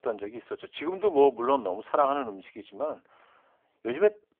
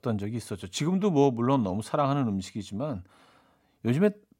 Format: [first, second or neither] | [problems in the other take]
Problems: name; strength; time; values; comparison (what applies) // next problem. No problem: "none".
second | phone-call audio; poor line; nothing above 3.5 kHz